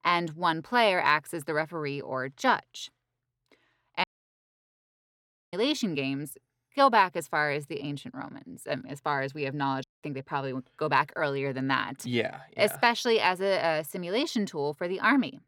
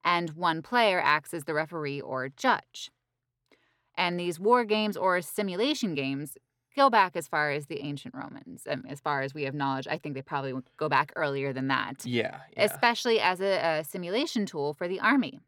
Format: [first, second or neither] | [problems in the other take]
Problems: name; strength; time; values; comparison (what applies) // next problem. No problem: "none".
second | audio cutting out; at 4 s for 1.5 s and at 10 s